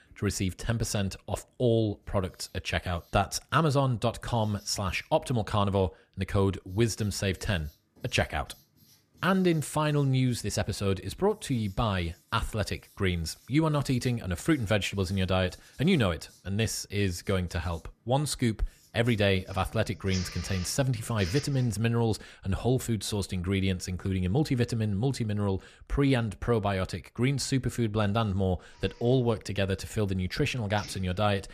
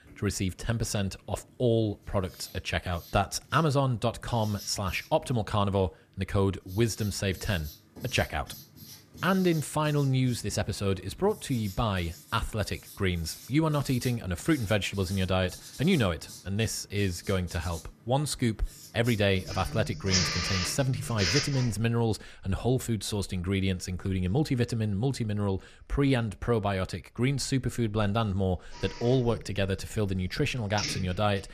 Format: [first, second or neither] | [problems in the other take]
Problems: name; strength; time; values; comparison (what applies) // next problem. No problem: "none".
first | household noises; loud; throughout; 9 dB below the speech; faint in the first